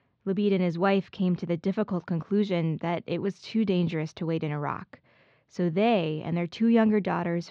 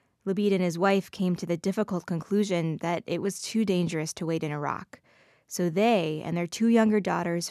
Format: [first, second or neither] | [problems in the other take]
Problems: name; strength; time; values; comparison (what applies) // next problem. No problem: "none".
second | muffled; slightly; fading above 4 kHz